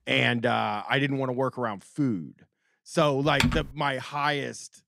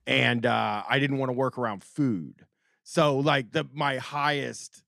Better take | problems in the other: second | keyboard typing; loud; at 3.5 s; peak level with the speech

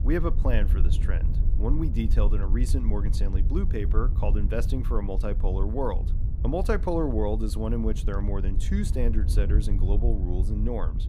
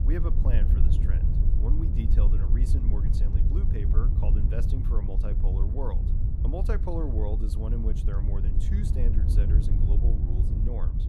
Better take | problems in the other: first | wind noise on the microphone; heavy; 2 dB below the speech; occasional gusts in the first

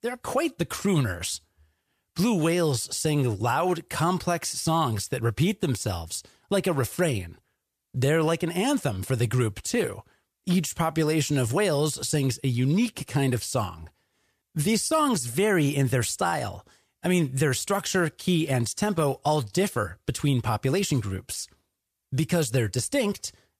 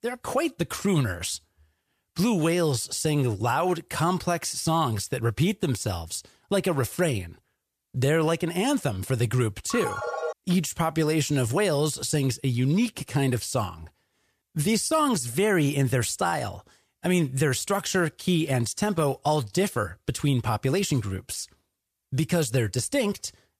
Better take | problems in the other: first | phone ringing; noticeable; at 9.5 s; peak 5 dB below the speech

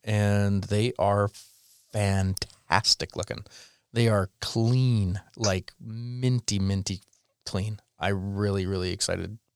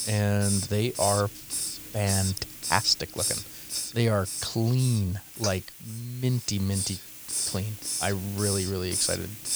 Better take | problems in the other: first | hiss; loud; throughout; 3 dB below the speech

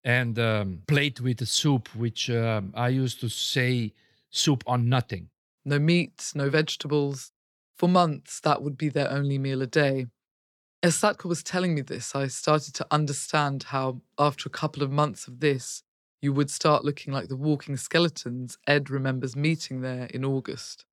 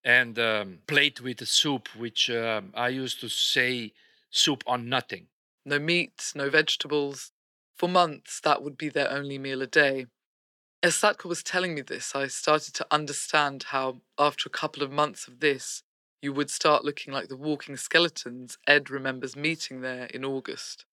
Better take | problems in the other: first | thin; somewhat; fading below 300 Hz

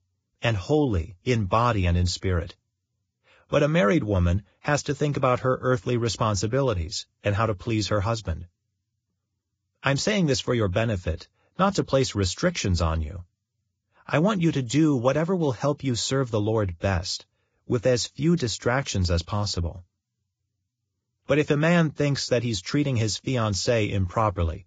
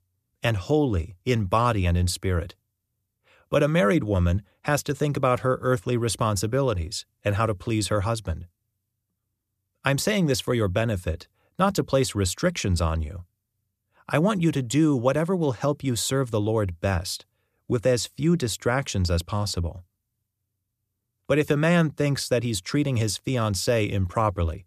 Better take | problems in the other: second | garbled, watery; badly; nothing above 7.5 kHz

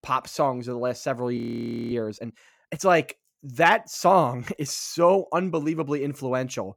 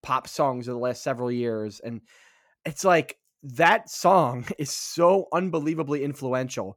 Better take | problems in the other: second | audio freezing; at 1.5 s for 0.5 s

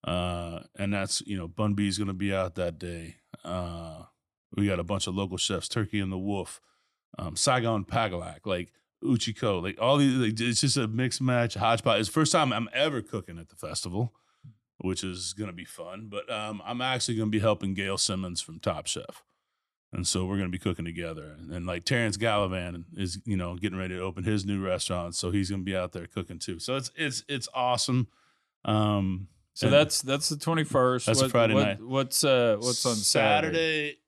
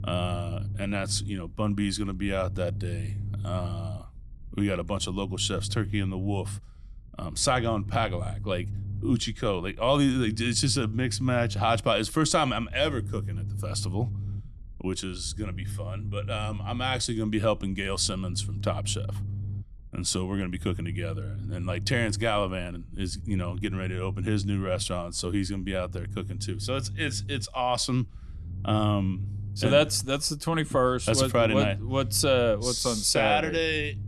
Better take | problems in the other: first | low rumble; faint; throughout; 20 dB below the speech

